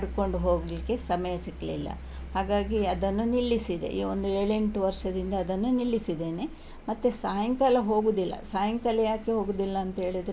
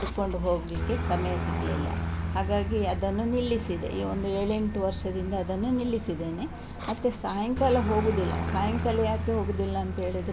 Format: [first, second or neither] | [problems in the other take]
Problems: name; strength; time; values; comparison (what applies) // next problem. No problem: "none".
first | background sound (Aircraft); 4 dB below the speech